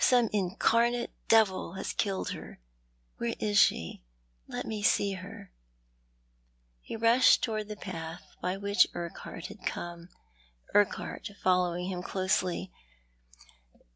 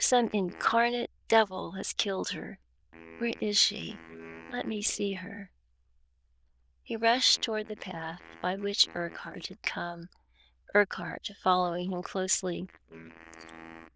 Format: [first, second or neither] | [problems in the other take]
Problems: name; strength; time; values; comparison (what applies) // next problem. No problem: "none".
first | noise reduction (neural diffusion model UNIVERSE++)